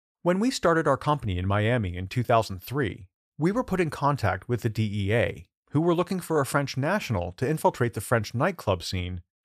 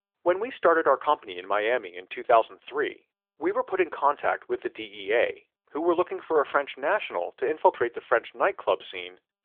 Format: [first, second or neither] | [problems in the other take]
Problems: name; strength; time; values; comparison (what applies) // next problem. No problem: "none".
first | phone-call audio; nothing above 3.5 kHz